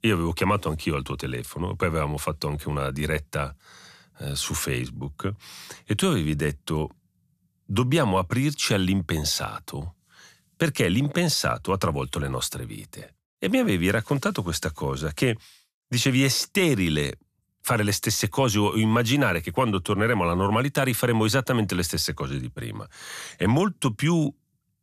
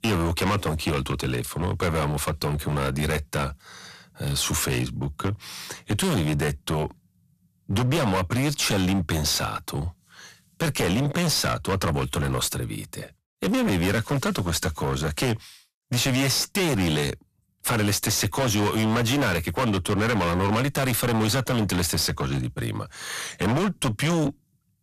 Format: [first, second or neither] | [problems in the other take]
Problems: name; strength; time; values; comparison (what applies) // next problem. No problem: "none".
first | distortion; heavy; 24% of the sound clipped